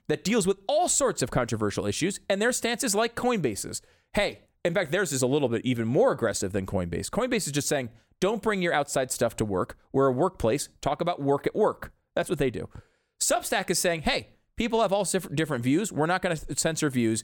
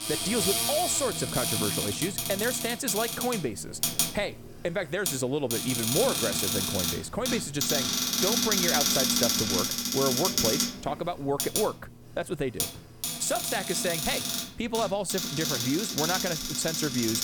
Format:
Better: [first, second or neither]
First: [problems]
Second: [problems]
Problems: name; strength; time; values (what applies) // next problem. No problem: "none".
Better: first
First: none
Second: household noises; very loud; throughout; 3 dB above the speech